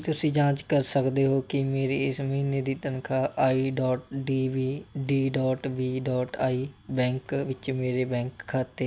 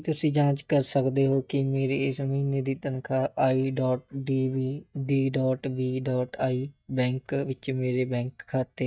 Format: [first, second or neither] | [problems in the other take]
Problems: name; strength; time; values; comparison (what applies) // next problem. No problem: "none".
first | noise reduction (neural mask model DeepFilterNet 3)